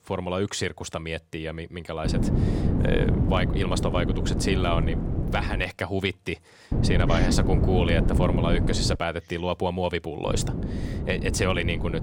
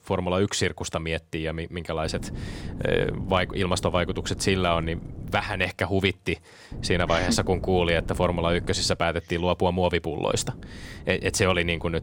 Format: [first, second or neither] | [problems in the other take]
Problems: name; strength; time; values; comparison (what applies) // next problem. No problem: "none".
second | wind noise on the microphone; heavy; from 2 to 5.5 s, from 6.5 to 9 s and from 10 s on; 6 dB below the speech; occasional gusts in the second